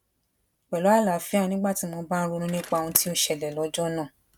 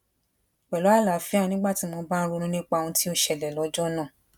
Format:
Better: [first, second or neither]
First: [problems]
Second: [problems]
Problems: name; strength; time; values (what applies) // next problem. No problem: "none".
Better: second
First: background sound (Bicycle); 10 dB below the speech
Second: none